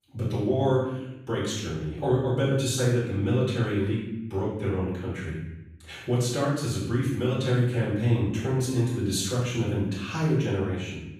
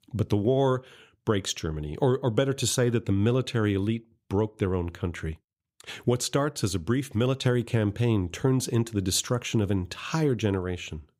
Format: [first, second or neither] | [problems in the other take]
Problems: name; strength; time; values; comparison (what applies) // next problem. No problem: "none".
second | off-mic speech; far // room echo; noticeable; dies away in 0.8 s